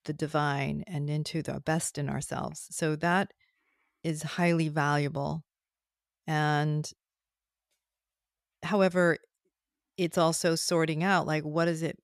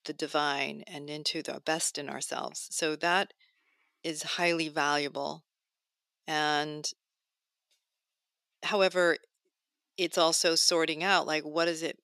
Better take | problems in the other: first | thin; somewhat; fading below 300 Hz

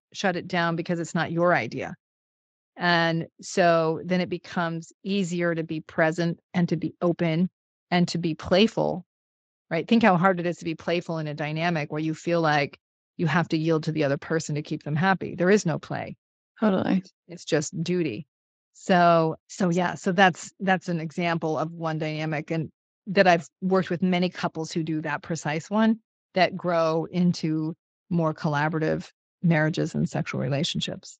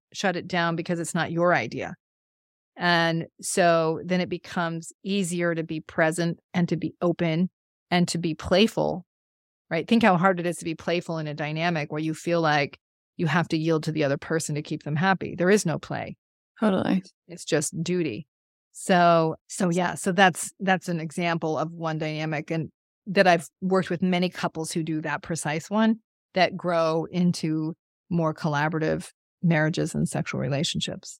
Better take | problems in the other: second | garbled, watery; slightly; nothing above 7.5 kHz

